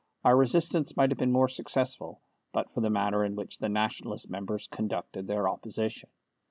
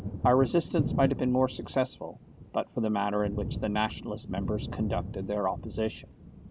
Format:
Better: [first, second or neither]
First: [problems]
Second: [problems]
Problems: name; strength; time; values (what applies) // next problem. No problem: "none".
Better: first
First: none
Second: background sound (Thunder); 7 dB below the speech